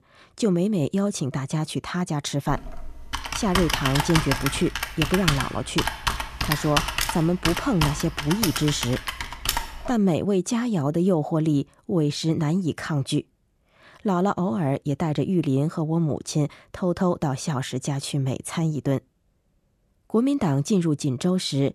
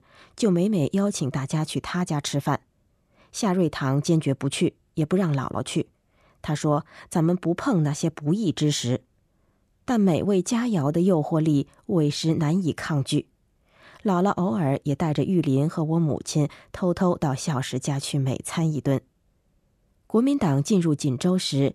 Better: second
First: keyboard typing; loud; from 2.5 to 10 s; peak 1 dB above the speech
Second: none

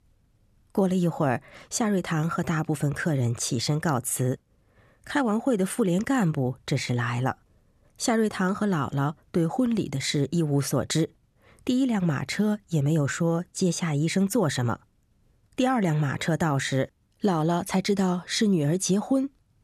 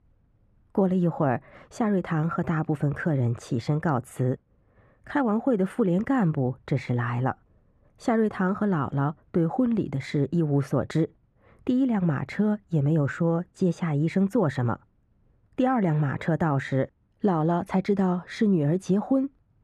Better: first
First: none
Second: muffled; very; fading above 3 kHz

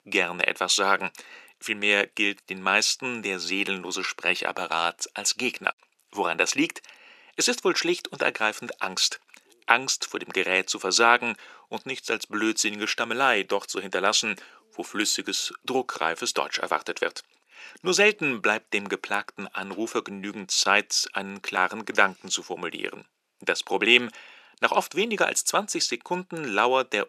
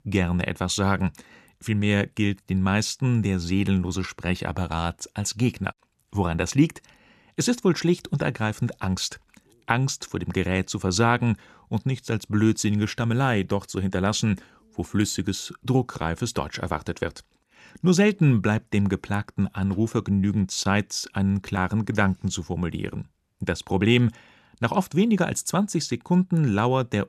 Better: second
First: thin; very; fading below 400 Hz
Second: none

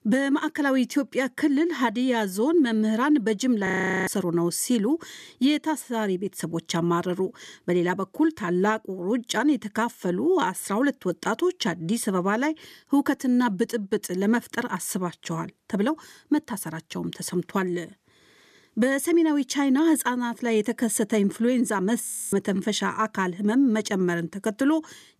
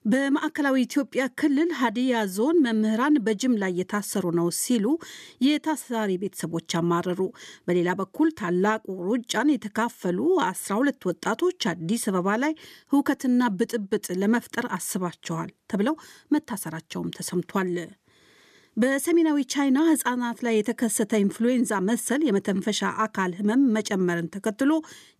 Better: second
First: audio freezing; at 3.5 s and at 22 s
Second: none

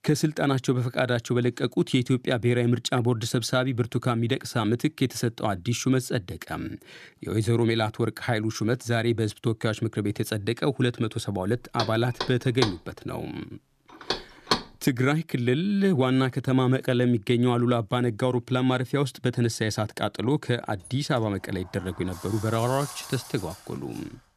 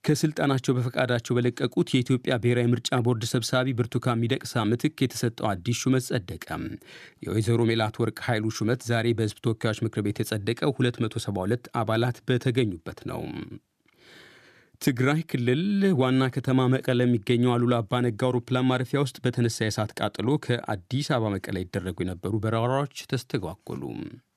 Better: second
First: door banging; noticeable; from 12 to 15 s; peak 1 dB below the speech // door banging; faint; from 21 s on; peak 10 dB below the speech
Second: none

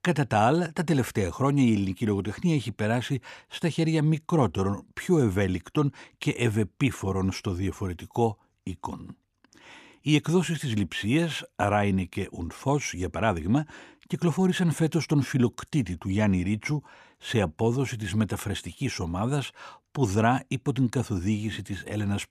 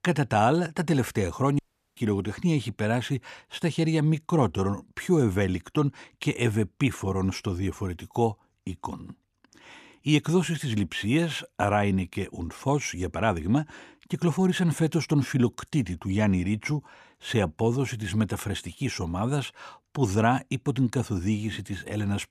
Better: first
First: none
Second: audio cutting out; at 1.5 s

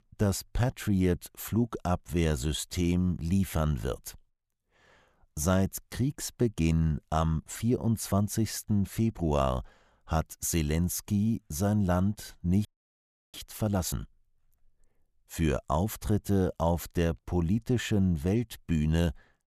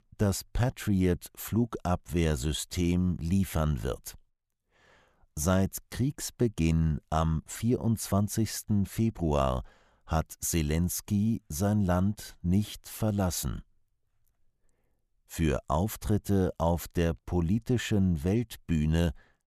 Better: second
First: audio freezing; at 13 s for 0.5 s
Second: none

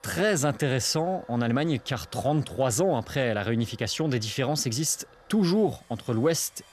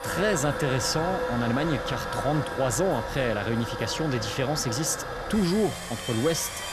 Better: first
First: household noises; faint; throughout; 25 dB below the speech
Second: household noises; loud; throughout; 5 dB below the speech

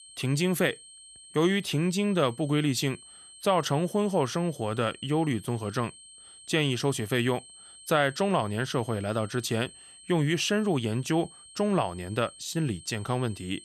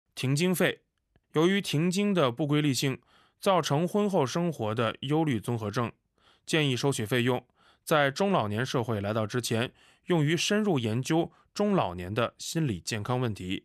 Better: second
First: high-pitched whine; noticeable; throughout; 8.5 kHz, 20 dB below the speech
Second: none

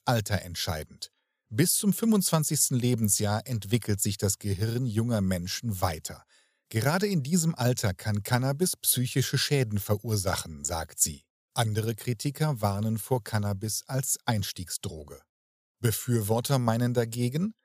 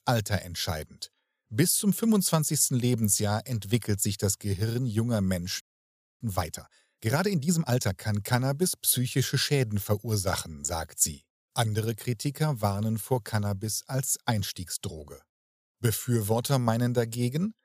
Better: first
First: none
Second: audio freezing; at 5.5 s for 0.5 s

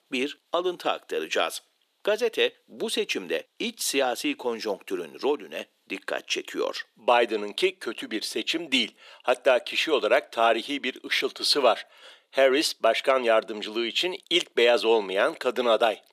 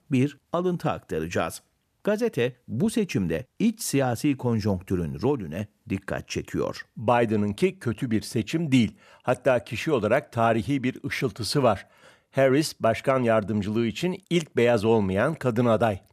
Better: second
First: thin; somewhat; fading below 350 Hz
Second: none

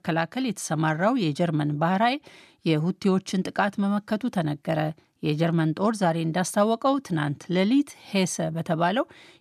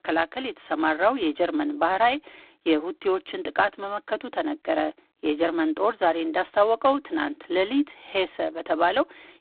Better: first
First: none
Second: phone-call audio; poor line

